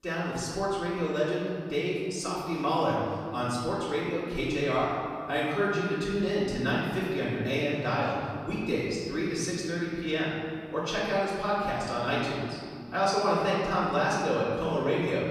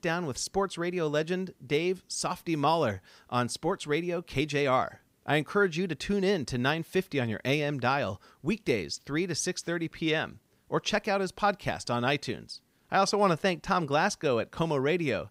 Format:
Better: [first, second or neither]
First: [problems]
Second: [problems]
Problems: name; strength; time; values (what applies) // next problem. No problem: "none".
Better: second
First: off-mic speech; far // room echo; strong; dies away in 2 s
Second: none